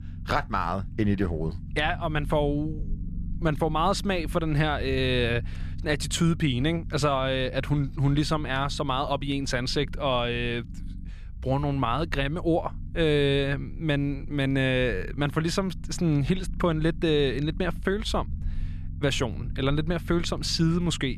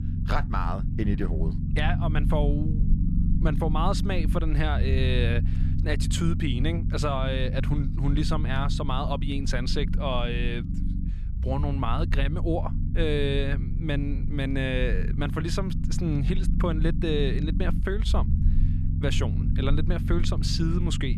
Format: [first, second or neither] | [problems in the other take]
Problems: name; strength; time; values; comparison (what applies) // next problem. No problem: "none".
first | low rumble; loud; throughout; 9 dB below the speech; faint in the first